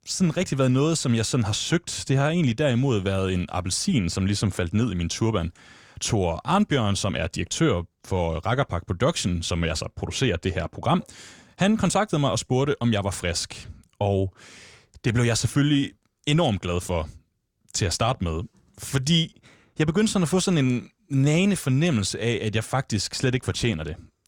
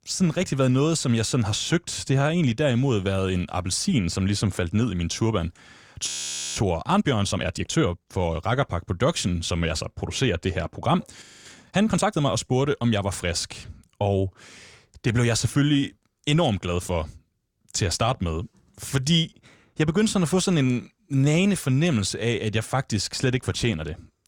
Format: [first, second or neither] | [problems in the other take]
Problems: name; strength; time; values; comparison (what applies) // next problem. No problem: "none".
first | audio freezing; at 6 s and at 11 s